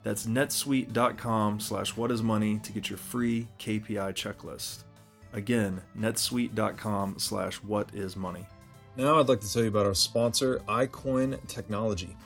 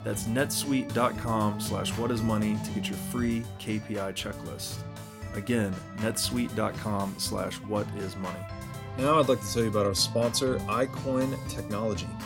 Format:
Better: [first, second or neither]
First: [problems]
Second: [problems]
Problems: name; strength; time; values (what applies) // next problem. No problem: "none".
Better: first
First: background music; faint; throughout; 20 dB below the speech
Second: background music; loud; throughout; 9 dB below the speech